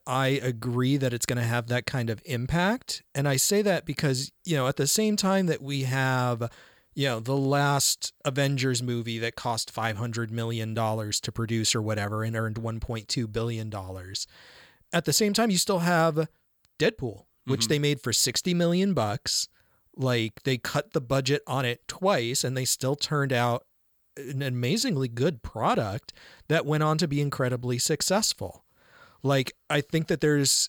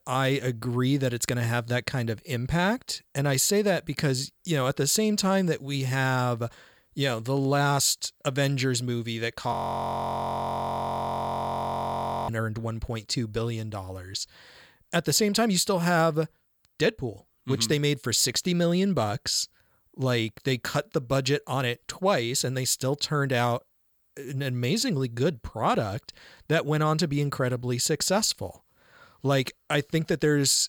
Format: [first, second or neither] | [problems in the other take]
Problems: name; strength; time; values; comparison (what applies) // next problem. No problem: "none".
first | audio freezing; at 9.5 s for 3 s